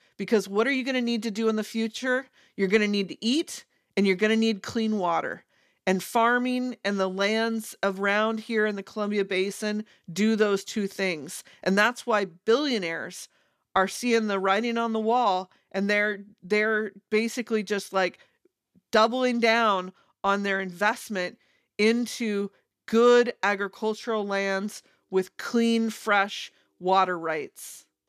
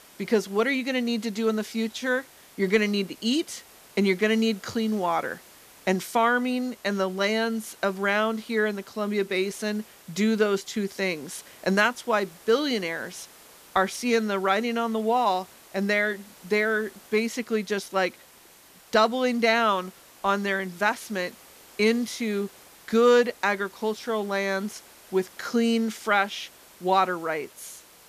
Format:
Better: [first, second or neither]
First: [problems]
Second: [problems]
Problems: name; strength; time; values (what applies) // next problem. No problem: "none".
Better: first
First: none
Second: hiss; faint; throughout; 25 dB below the speech